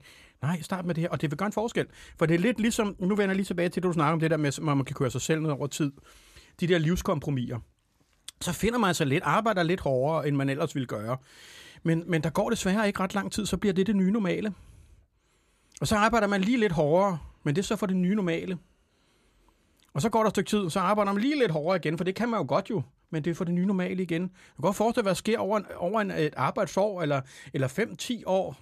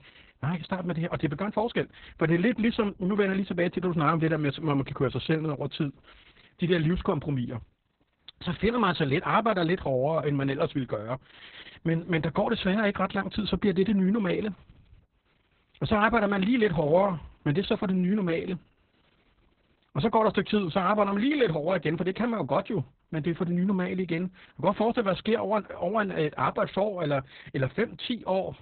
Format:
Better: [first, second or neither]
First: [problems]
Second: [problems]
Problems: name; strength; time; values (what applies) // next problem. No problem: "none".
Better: first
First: none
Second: garbled, watery; badly; nothing above 4 kHz